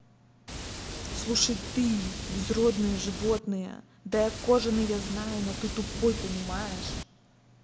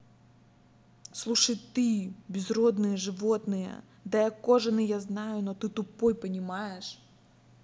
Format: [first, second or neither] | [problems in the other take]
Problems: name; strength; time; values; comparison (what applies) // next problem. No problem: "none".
second | background sound (Water); 6 dB below the speech